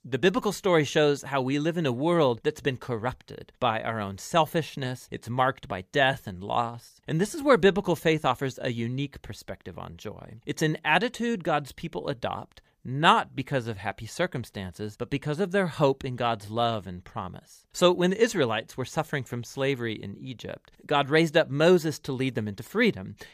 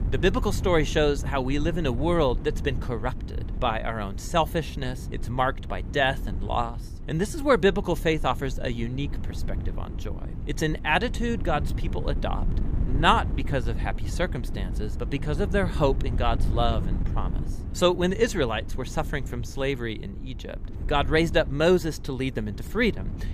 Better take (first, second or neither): first